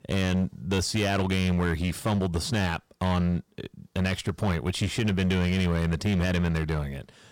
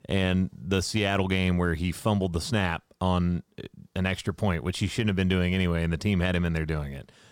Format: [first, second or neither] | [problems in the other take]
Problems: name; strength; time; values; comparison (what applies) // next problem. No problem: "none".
second | distortion; slight; 12% of the sound clipped